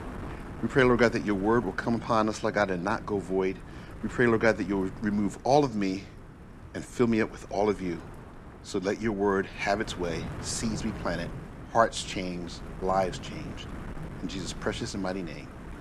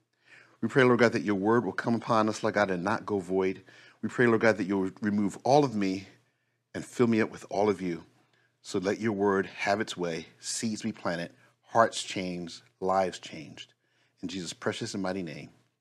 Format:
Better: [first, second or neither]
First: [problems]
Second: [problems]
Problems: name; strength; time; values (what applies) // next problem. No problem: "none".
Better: second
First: wind noise on the microphone; occasional gusts; 20 dB below the speech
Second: none